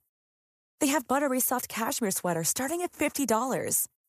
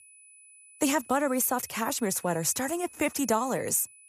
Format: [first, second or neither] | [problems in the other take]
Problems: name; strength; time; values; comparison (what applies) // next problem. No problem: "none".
first | high-pitched whine; faint; throughout; 10 kHz, 20 dB below the speech